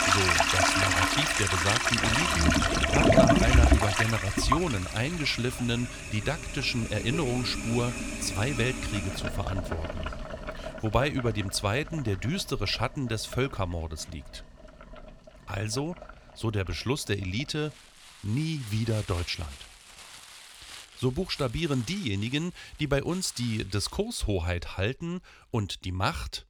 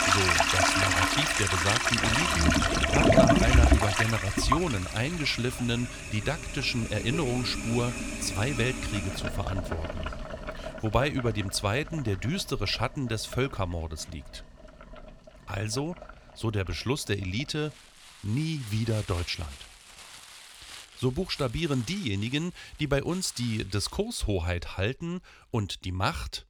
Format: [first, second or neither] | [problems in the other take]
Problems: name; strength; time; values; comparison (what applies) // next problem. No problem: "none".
neither | household noises; very loud; throughout; 3 dB above the speech; the same in both